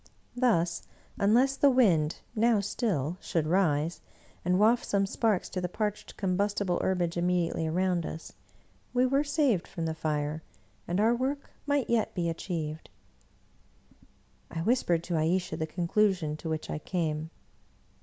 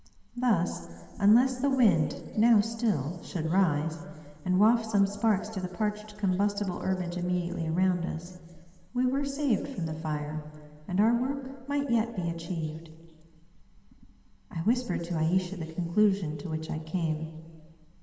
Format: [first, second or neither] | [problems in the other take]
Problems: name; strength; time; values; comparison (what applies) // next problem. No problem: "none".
first | room echo; dies away in 2 s